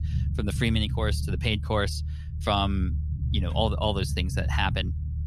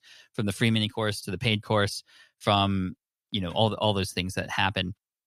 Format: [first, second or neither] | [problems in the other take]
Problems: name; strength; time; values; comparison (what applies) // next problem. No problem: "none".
second | low rumble; noticeable; throughout; 15 dB below the speech